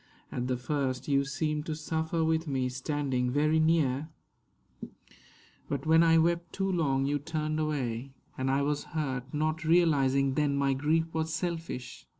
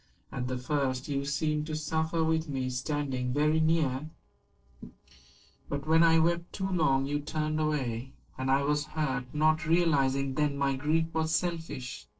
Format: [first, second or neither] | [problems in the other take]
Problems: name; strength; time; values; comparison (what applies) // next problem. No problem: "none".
first | noise reduction (neural separator model SepFormer DNS4)